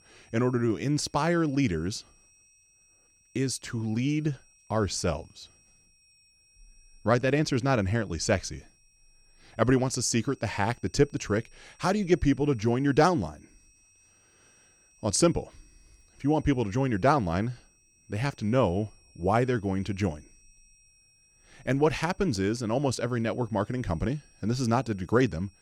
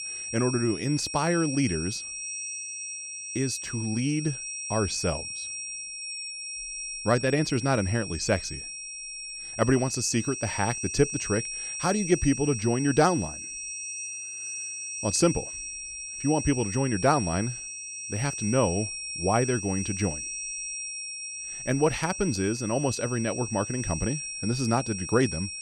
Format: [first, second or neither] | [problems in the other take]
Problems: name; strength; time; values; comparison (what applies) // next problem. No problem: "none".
first | high-pitched whine; loud; throughout; 5.5 kHz, 6 dB below the speech; faint in the first